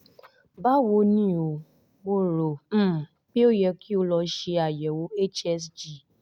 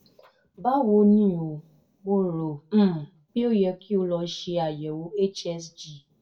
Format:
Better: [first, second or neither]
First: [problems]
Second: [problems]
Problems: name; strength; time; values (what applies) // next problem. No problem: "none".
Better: first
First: none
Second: room echo; dies away in 0.2 s